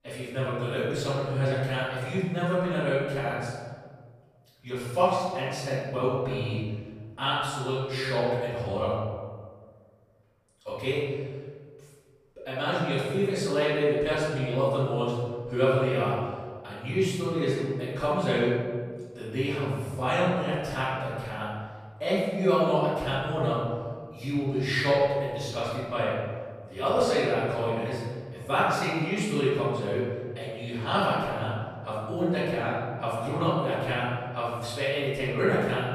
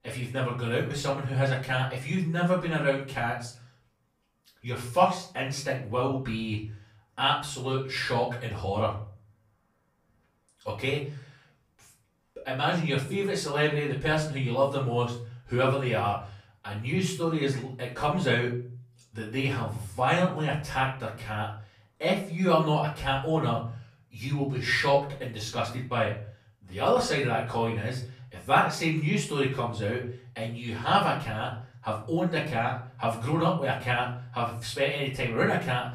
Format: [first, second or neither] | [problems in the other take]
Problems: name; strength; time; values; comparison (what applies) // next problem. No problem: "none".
second | room echo; strong; dies away in 1.6 s; slight in the second // off-mic speech; far; far in the second